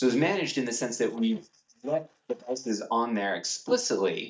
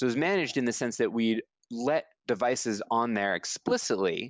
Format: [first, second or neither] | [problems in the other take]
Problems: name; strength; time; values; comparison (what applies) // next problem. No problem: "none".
second | noise reduction (neural mask model DeepFilterNet 3)